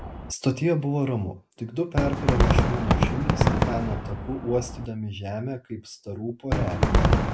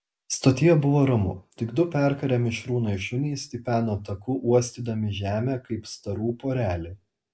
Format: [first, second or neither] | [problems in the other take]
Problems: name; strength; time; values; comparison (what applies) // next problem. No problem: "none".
second | background sound (Fireworks); 4 dB above the speech